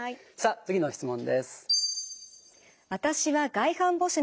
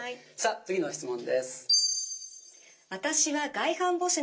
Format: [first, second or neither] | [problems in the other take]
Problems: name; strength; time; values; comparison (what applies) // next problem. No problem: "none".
first | room echo; dies away in 0.2 s